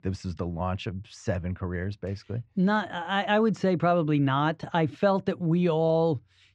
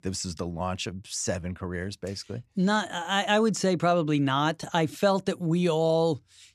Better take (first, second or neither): second